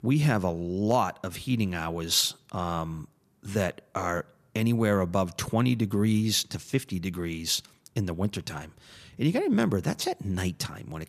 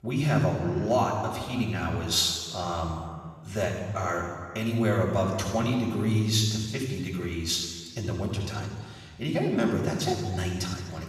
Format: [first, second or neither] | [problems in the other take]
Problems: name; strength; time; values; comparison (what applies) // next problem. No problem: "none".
first | room echo; noticeable; dies away in 1.6 s // off-mic speech; far